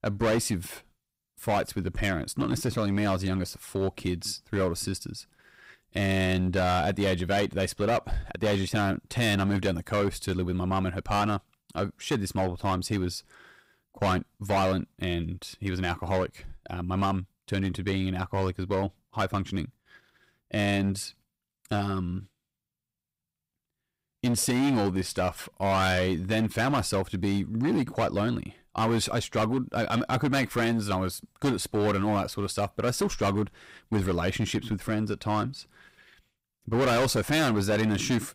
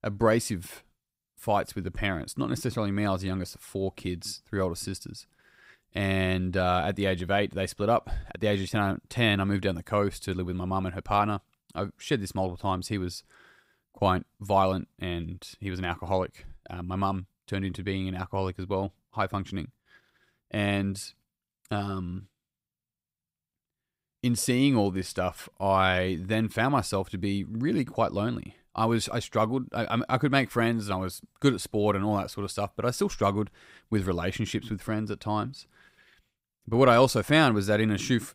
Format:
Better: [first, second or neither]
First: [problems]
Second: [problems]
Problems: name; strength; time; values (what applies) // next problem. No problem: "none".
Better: second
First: distortion; heavy; 10% of the sound clipped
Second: none